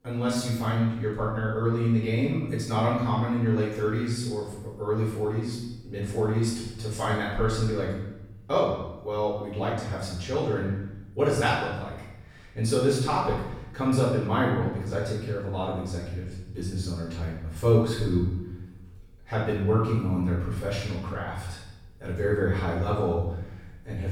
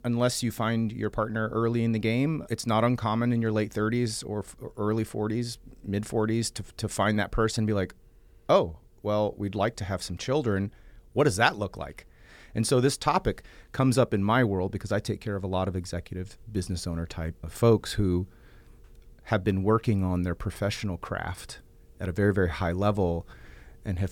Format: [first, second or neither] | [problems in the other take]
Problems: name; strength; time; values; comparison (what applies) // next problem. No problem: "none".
second | off-mic speech; far // room echo; strong; dies away in 0.9 s